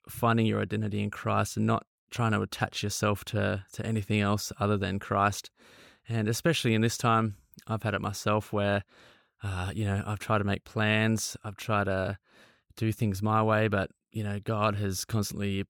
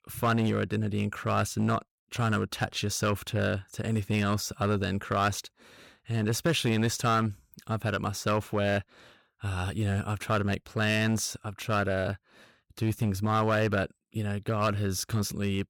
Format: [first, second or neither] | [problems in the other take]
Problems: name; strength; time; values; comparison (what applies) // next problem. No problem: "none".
first | distortion; slight; 3% of the sound clipped